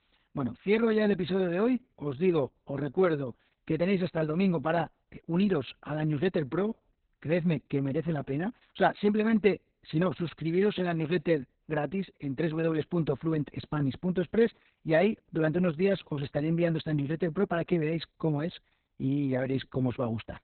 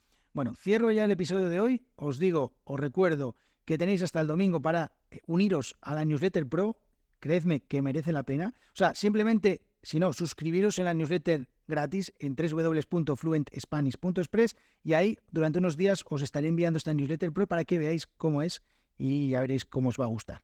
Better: second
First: garbled, watery; badly; nothing above 4 kHz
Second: garbled, watery; slightly; nothing above 19 kHz

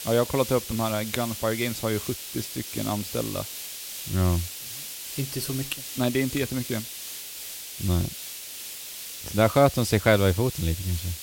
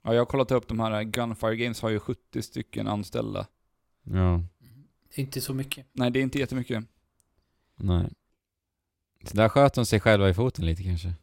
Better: second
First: hiss; loud; throughout; 8 dB below the speech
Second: none

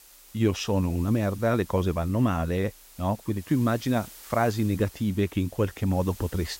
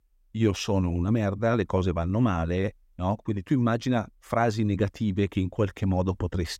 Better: second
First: hiss; noticeable; throughout; 20 dB below the speech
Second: none

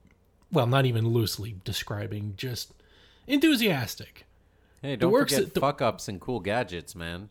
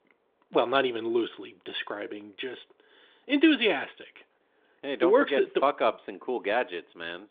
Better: first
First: none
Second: phone-call audio; nothing above 3.5 kHz

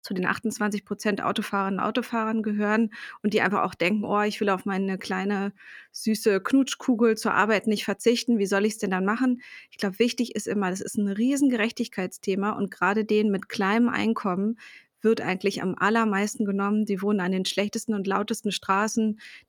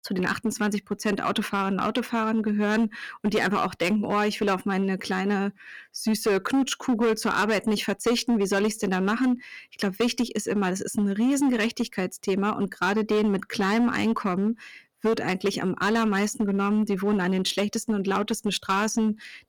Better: first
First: none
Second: distortion; slight; 9% of the sound clipped

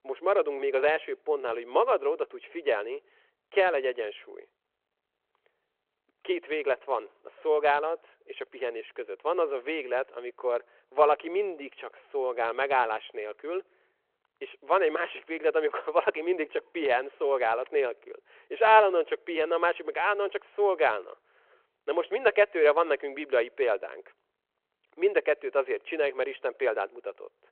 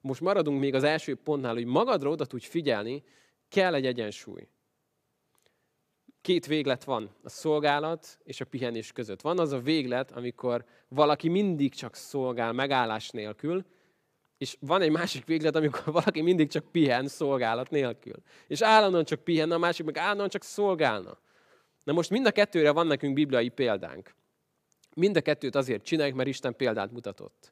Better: second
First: phone-call audio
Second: none

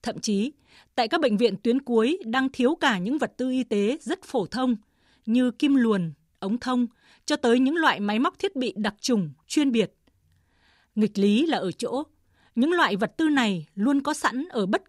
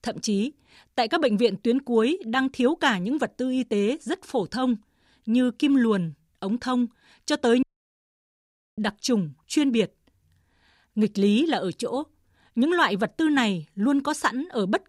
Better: first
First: none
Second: audio cutting out; at 7.5 s for 1 s

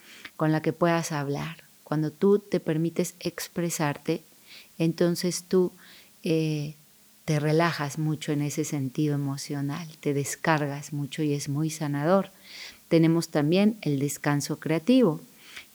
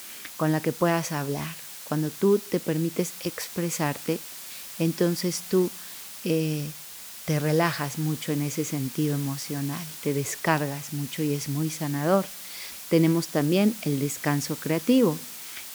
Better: first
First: hiss; faint; throughout; 25 dB below the speech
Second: hiss; loud; throughout; 10 dB below the speech

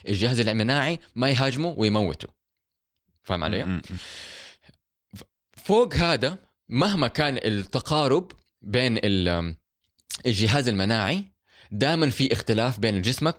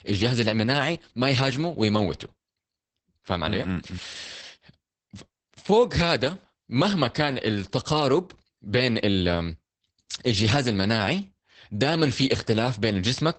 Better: first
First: garbled, watery; slightly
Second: garbled, watery; badly; nothing above 8 kHz

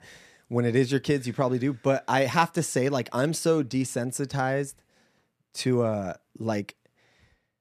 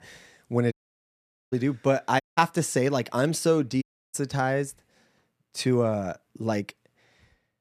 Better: first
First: none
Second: audio cutting out; at 0.5 s for 1 s, at 2 s and at 4 s

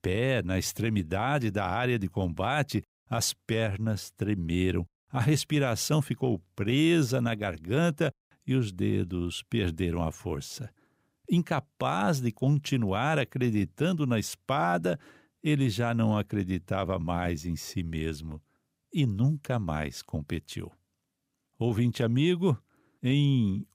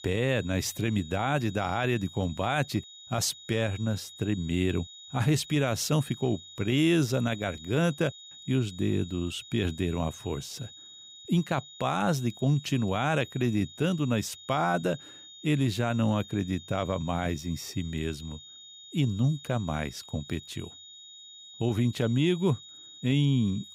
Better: first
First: none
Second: high-pitched whine; noticeable; throughout; 4 kHz, 15 dB below the speech

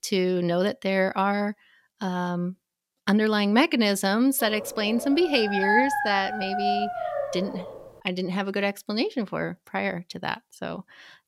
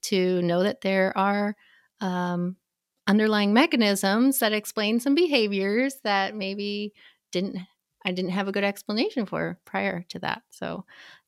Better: second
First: dog barking; loud; from 4.5 to 7.5 s; peak 3 dB above the speech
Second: none

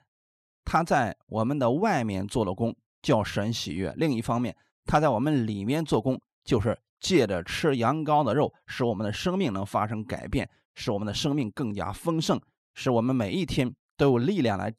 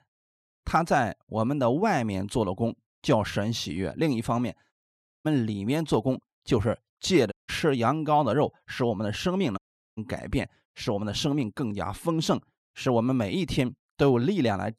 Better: first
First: none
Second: audio cutting out; at 5 s, at 7.5 s and at 9.5 s

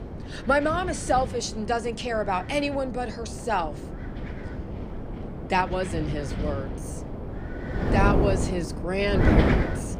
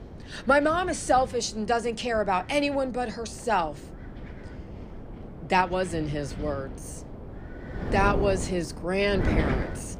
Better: second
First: wind noise on the microphone; heavy; 7 dB below the speech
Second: wind noise on the microphone; occasional gusts; 15 dB below the speech

